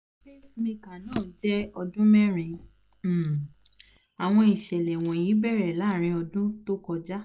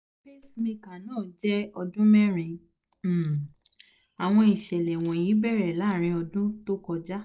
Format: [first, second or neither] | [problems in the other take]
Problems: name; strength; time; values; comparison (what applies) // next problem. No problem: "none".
second | background sound (Drawer open or close); 20 dB below the speech